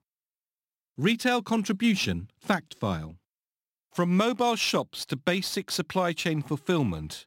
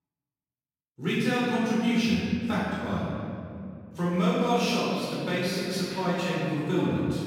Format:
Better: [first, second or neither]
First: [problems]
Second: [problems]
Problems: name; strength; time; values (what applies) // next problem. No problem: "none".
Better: first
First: none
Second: off-mic speech; far // room echo; strong; dies away in 2.4 s